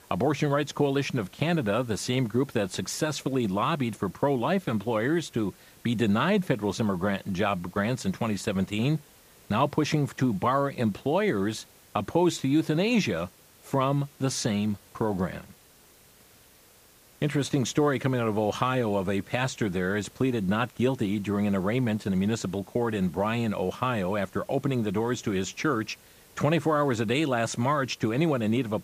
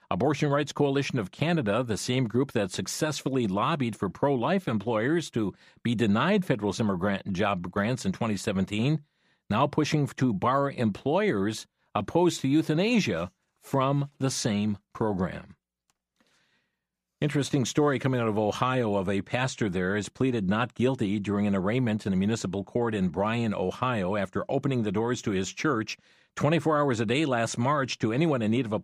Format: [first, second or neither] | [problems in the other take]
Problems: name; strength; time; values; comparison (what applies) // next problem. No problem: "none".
second | hiss; faint; throughout; 25 dB below the speech